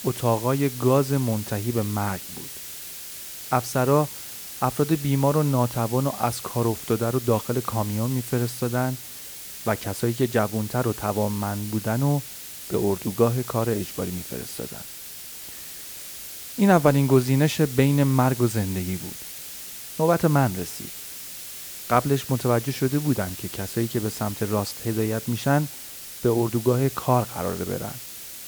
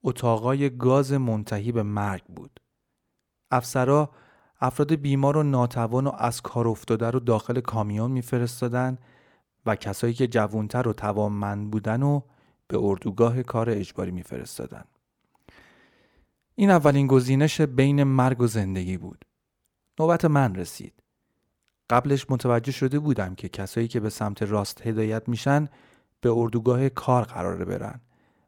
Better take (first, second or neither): second